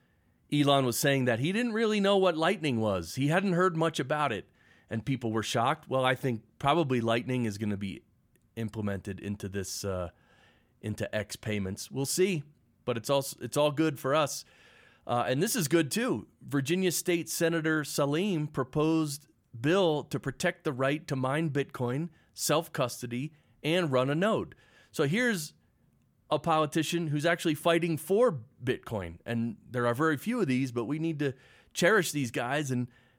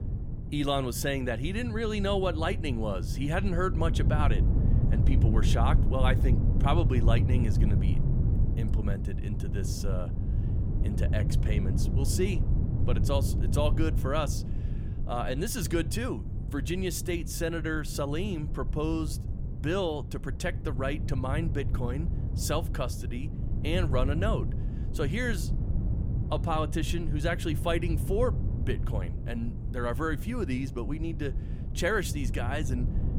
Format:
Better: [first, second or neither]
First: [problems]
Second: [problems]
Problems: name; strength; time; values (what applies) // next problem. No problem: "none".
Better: first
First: none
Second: low rumble; loud; throughout; 10 dB below the speech